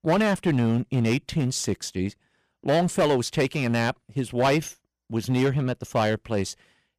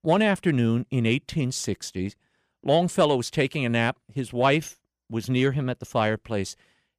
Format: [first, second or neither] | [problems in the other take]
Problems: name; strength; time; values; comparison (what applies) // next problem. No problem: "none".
second | distortion; slight; 7% of the sound clipped